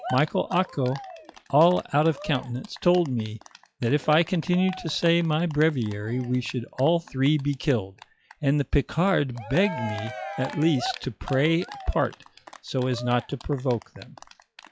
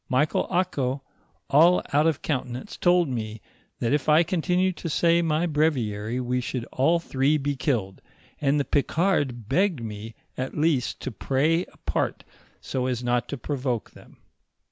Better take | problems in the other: second | noise reduction (classical method log-MMSE)

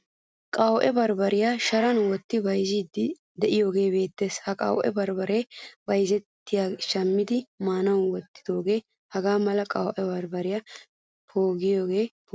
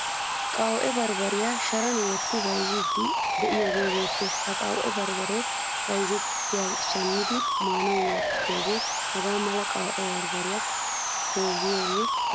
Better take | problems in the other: first | background sound (Sawing); 2 dB above the speech

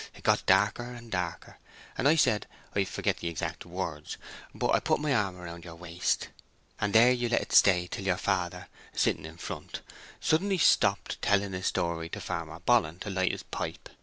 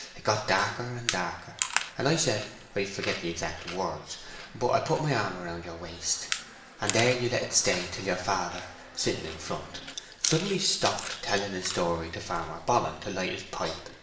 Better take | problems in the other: first | background sound (Chewing, mastication); 9 dB below the speech // room echo; dies away in 0.8 s

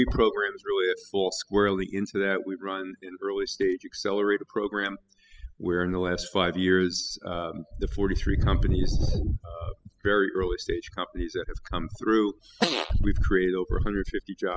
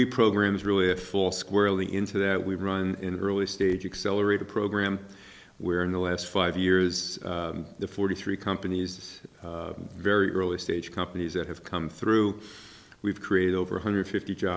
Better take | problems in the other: second | noise reduction (classical method spectral subtraction)

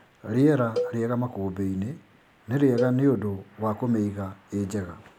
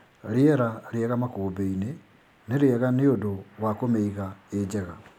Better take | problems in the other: second | background sound (Cowbell); 10 dB below the speech

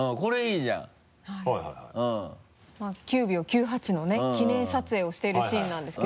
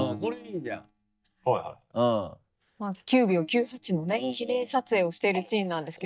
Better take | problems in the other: first | noise reduction (neural mask model DeepFilterNet 3)

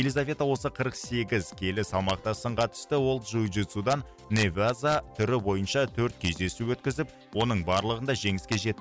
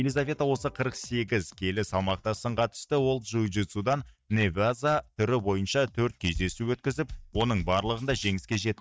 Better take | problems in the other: first | noise reduction (neural mask model DeepFilterNet 3)

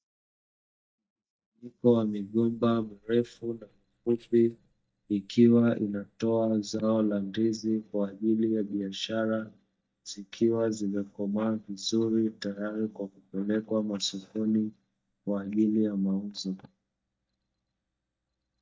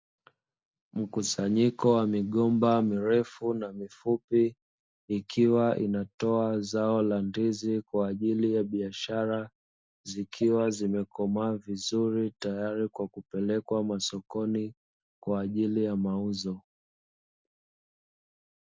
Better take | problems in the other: second | noise reduction (neural mask model DeepFilterNet 3)

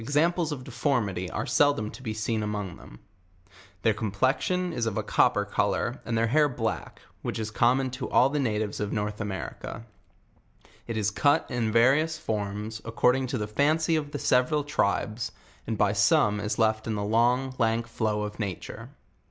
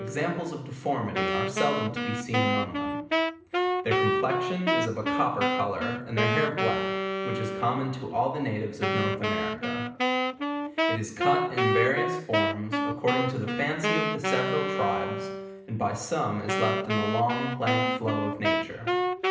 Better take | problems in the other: first | background sound (Wind instrument, woodwind instrument); 1 dB above the speech // room echo; dies away in 0.8 s

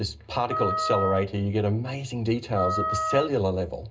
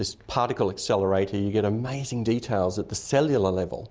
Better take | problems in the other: second | background sound (Wind instrument, woodwind instrument); 4 dB below the speech // room echo; dies away in 0.2 s

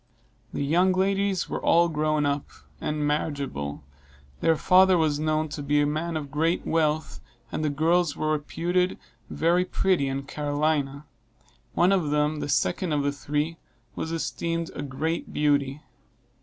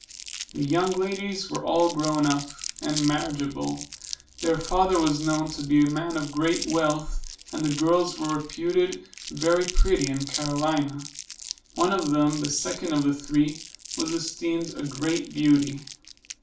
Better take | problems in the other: first | background sound (Crumpling, crinkling); 13 dB below the speech // room echo; dies away in 0.4 s

